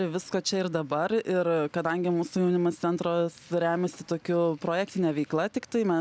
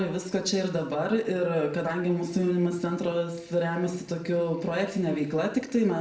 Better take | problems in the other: first | room echo; dies away in 0.6 s

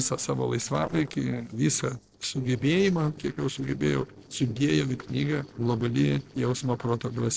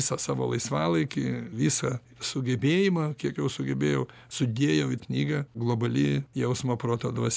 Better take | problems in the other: second | noise reduction (neural separator model SepFormer DNS4)

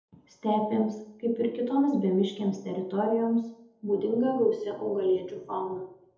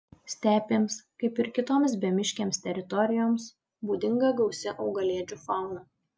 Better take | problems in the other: second | room echo; dies away in 0.7 s

